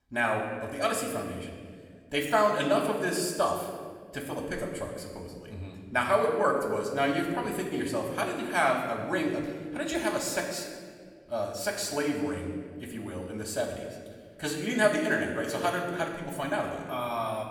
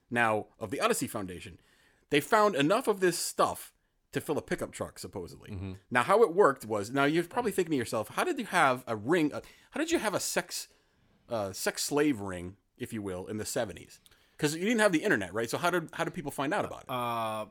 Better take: second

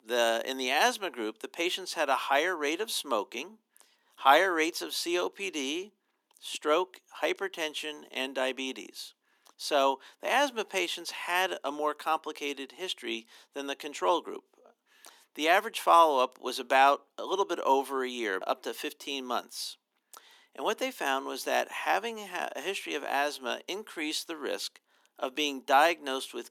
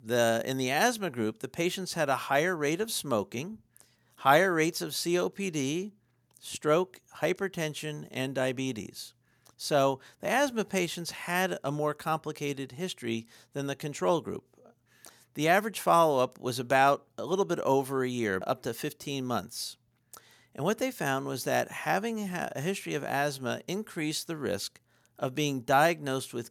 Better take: second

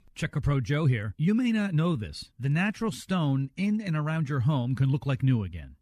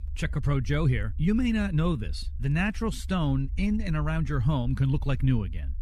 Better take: first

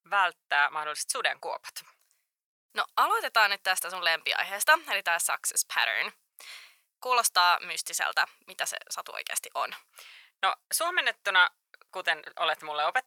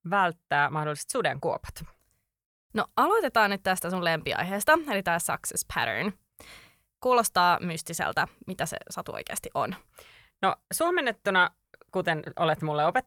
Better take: second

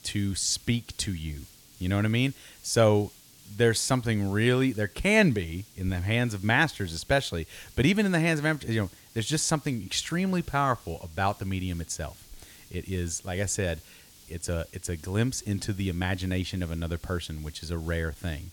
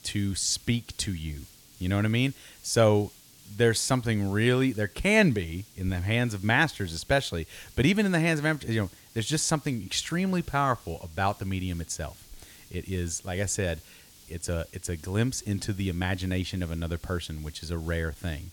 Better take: neither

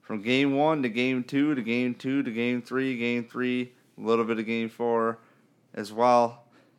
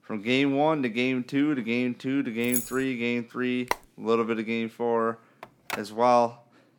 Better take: first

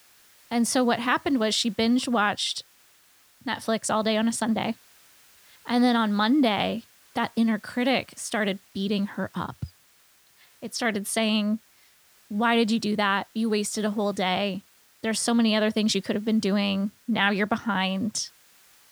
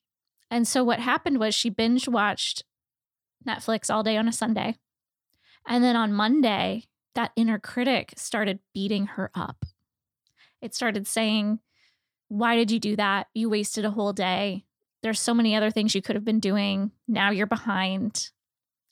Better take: second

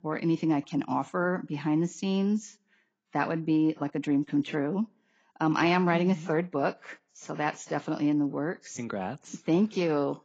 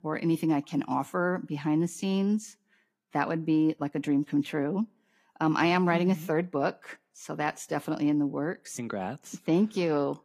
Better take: second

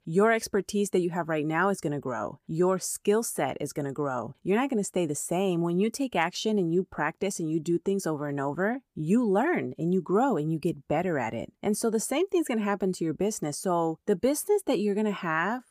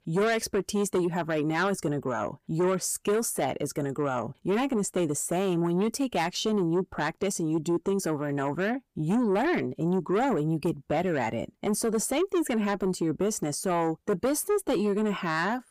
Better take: first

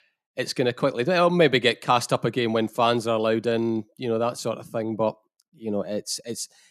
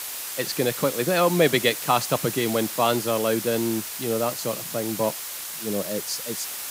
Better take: first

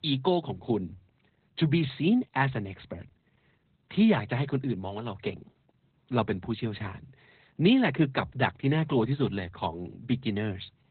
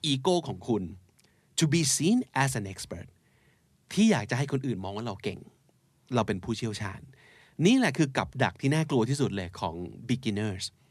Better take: second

